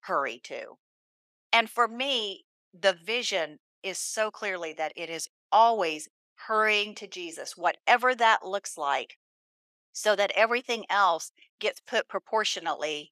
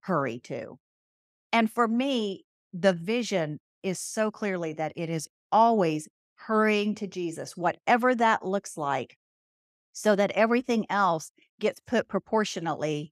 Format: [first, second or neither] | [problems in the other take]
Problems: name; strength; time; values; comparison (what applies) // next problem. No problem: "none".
second | thin; very; fading below 600 Hz